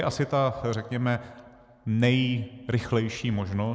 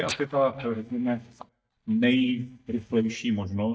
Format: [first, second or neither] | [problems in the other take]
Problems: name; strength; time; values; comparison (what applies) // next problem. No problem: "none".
first | noise reduction (neural mask model DeepFilterNet 3)